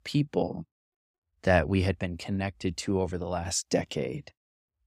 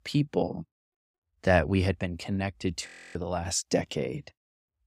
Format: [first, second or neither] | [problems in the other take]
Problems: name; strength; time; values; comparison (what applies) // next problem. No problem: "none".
first | audio freezing; at 3 s